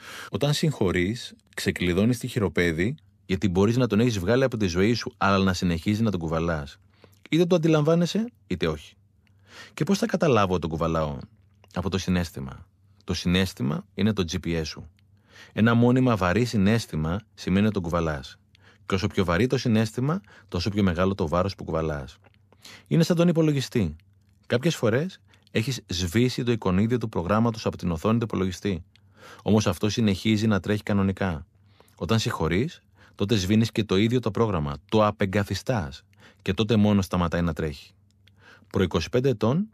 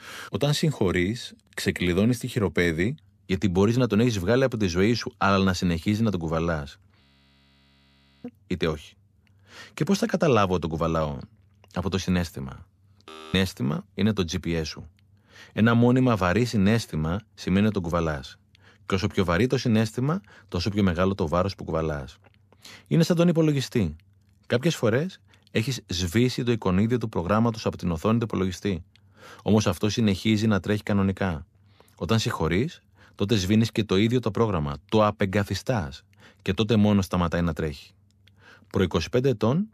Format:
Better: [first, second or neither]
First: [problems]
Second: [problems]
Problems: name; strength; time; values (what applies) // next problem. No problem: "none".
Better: first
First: none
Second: audio freezing; at 7 s for 1 s and at 13 s